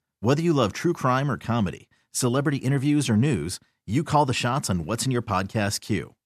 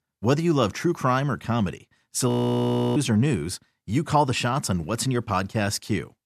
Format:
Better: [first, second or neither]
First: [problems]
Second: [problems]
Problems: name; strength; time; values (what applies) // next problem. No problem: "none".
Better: first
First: none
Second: audio freezing; at 2.5 s for 0.5 s